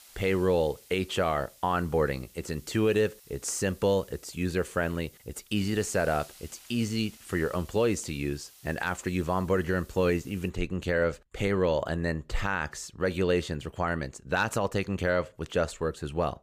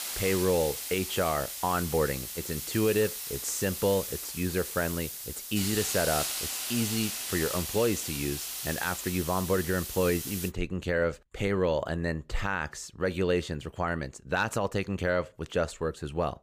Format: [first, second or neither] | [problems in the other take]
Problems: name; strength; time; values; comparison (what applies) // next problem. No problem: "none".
first | hiss; loud; until 10 s; 3 dB below the speech; faint in the first